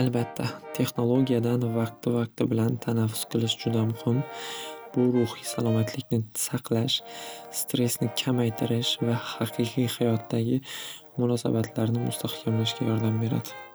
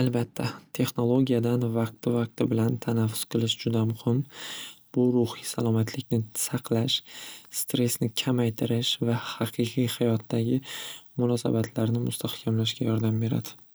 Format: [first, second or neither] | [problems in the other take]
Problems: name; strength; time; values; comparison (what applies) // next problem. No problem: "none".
second | background sound (Brass instrument); 16 dB below the speech